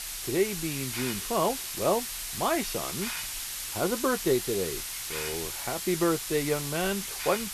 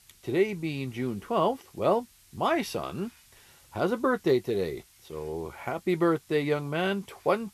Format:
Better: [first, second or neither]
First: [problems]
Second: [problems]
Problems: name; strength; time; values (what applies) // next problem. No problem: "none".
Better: second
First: hiss; loud; throughout; 3 dB below the speech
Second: hiss; faint; throughout; 25 dB below the speech